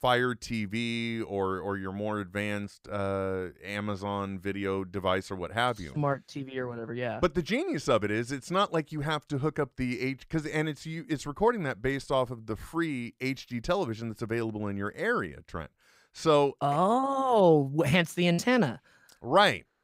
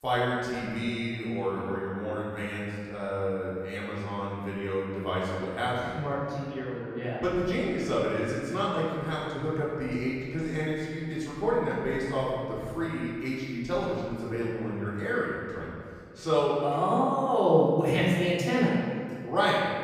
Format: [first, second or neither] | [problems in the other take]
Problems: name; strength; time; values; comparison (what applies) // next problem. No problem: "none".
first | off-mic speech; far // room echo; strong; dies away in 2.1 s